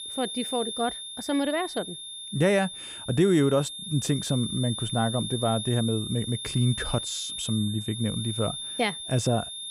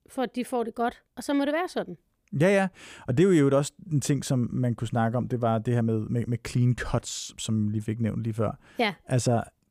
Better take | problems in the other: second | high-pitched whine; loud; throughout; 3.5 kHz, 6 dB below the speech

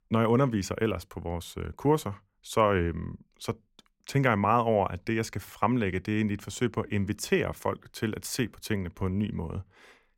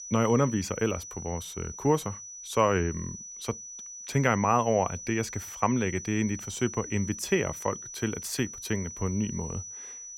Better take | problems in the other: first | high-pitched whine; loud; throughout; 6 kHz, 10 dB below the speech

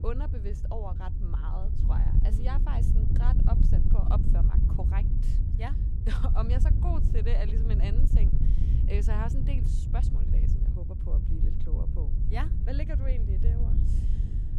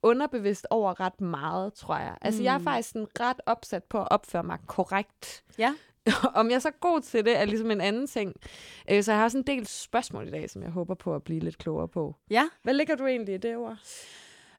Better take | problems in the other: second | wind noise on the microphone; heavy; 3 dB below the speech

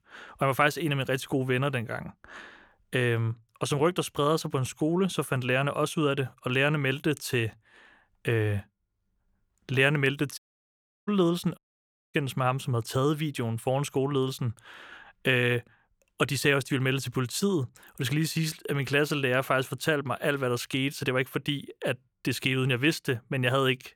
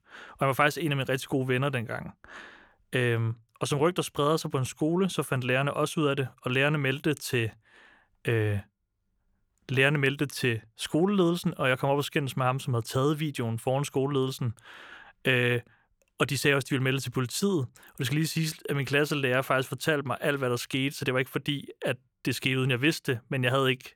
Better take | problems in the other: second | audio cutting out; at 10 s for 0.5 s and at 12 s for 0.5 s

